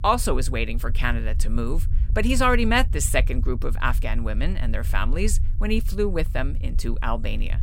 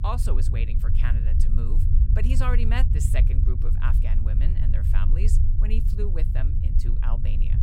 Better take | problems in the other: first | low rumble; loud; throughout; 4 dB below the speech; faint in the first

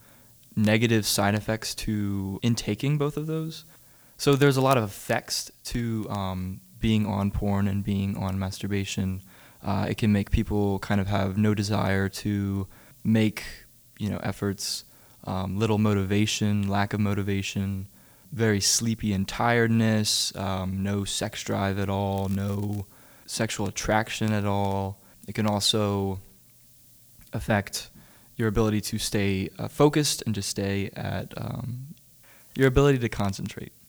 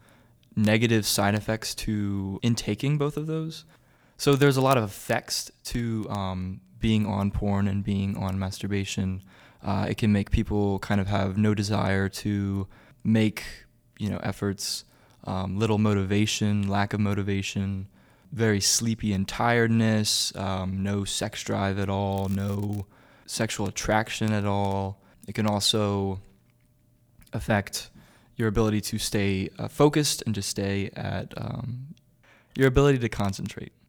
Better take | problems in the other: second | hiss; faint; throughout; 25 dB below the speech

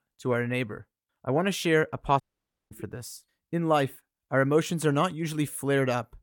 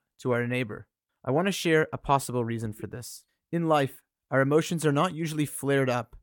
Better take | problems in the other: second | audio cutting out; at 2 s for 0.5 s

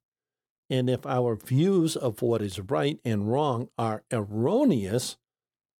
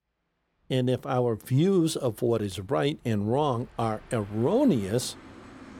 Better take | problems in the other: first | train or aircraft noise; faint; throughout; 25 dB below the speech

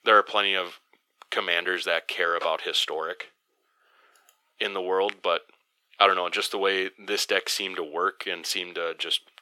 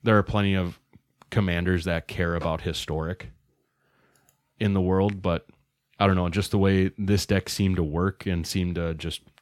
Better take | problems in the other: second | thin; very; fading below 400 Hz

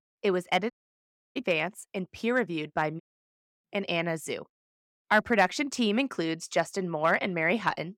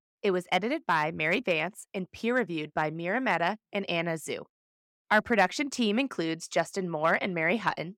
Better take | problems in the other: second | audio cutting out; at 0.5 s for 0.5 s and at 3 s for 0.5 s

